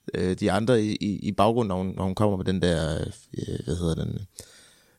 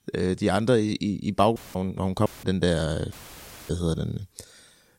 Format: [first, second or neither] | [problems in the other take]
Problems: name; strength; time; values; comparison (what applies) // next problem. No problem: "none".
first | audio cutting out; filled with static; at 1.5 s, at 2.5 s and at 3 s for 0.5 s